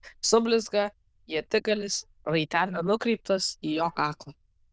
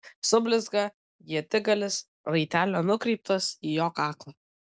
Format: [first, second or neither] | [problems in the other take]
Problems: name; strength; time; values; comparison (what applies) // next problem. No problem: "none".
second | noise reduction (neural diffusion model UNIVERSE++)